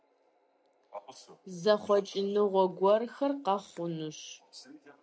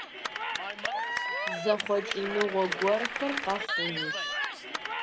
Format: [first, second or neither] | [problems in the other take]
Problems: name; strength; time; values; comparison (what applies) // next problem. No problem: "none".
first | background sound (Cheering / Clapping); 1 dB below the speech